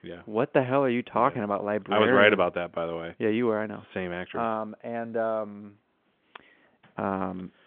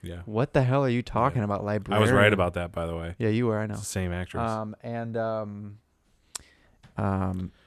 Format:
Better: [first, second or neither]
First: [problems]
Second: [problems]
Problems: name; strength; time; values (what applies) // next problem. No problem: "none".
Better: second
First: phone-call audio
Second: none